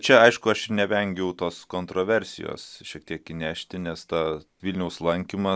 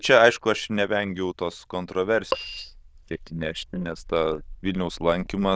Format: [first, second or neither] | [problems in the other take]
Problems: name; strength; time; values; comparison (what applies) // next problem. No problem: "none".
first | noise reduction (neural diffusion model UNIVERSE++)